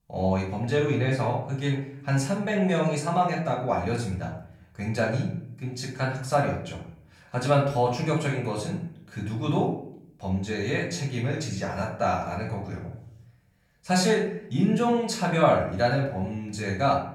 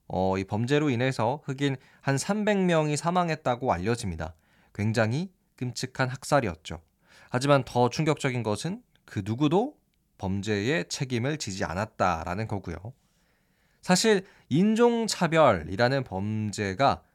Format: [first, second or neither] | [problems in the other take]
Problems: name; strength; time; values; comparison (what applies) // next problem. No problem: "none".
second | off-mic speech; far // room echo; slight; dies away in 0.6 s